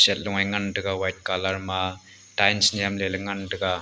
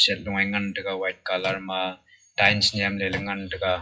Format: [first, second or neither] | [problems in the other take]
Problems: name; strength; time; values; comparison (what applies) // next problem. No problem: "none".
first | noise reduction (classical method WPE with log-MMSE)